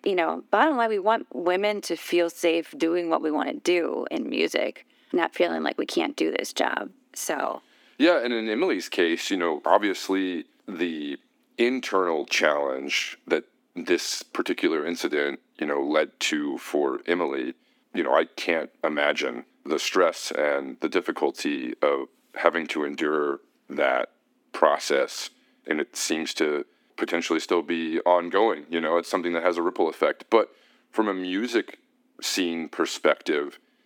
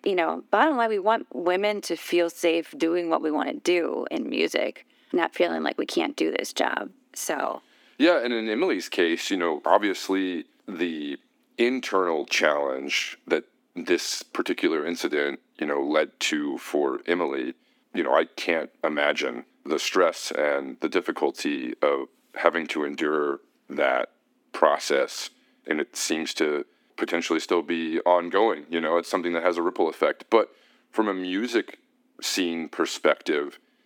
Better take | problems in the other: neither | thin; somewhat; fading below 300 Hz; the same in both

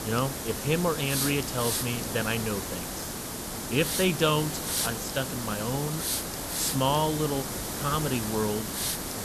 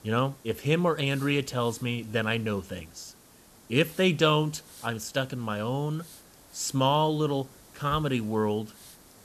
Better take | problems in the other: second | hiss; loud; throughout; 2 dB below the speech; faint in the second

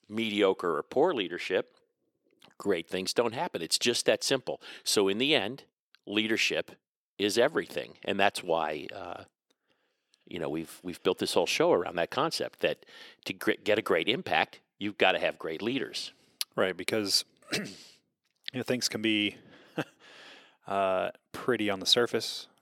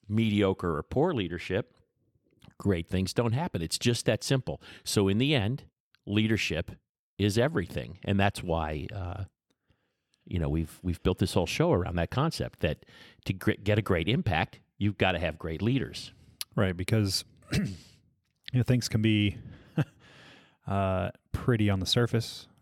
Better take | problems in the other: second | thin; somewhat; fading below 400 Hz

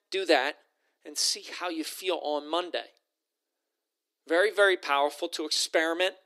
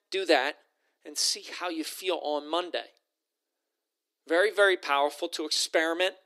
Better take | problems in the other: neither | thin; very; fading below 300 Hz; the same in both

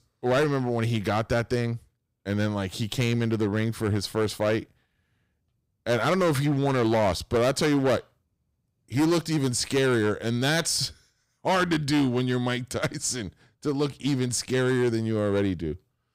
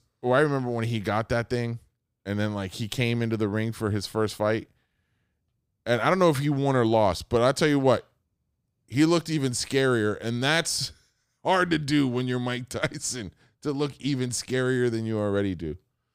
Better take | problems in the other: second | distortion; slight; 8% of the sound clipped

